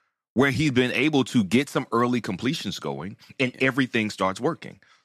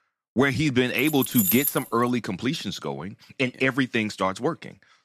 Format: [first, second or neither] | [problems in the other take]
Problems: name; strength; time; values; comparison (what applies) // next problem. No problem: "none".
first | jangling keys; loud; at 1 s; peak 2 dB above the speech